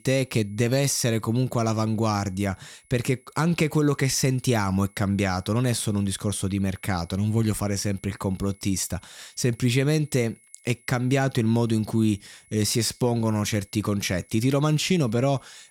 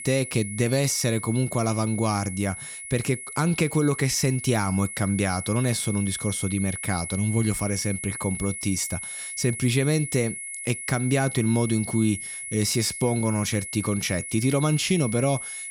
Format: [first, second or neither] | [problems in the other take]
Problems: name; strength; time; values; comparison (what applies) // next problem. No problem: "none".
first | high-pitched whine; loud; throughout; 2 kHz, 8 dB below the speech; faint in the first